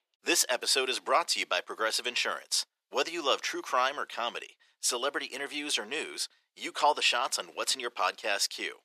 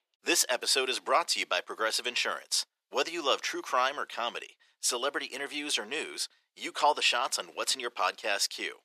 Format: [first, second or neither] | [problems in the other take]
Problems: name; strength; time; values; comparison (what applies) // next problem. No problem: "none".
neither | thin; very; fading below 450 Hz; the same in both